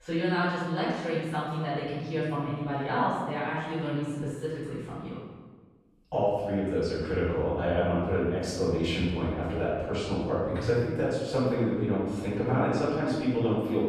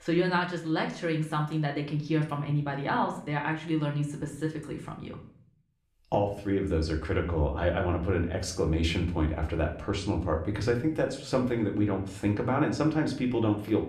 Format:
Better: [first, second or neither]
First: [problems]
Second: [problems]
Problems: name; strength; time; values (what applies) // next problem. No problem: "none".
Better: second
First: room echo; strong; dies away in 1.3 s // off-mic speech; far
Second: room echo; slight; dies away in 0.5 s // off-mic speech; somewhat distant